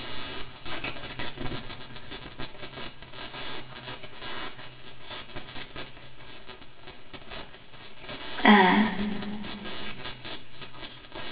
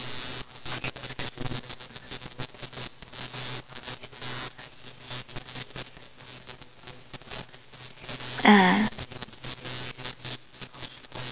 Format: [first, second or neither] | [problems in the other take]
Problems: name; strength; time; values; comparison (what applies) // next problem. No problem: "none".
second | room echo; dies away in 2.3 s